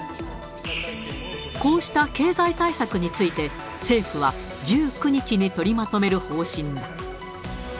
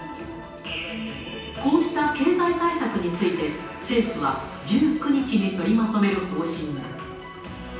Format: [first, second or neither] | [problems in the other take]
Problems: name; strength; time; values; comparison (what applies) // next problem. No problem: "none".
first | room echo; dies away in 0.9 s